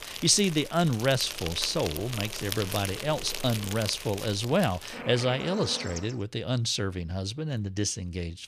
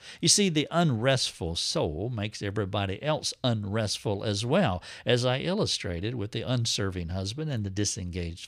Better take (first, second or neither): second